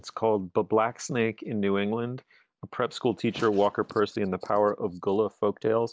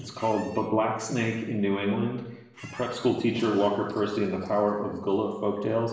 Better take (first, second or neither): first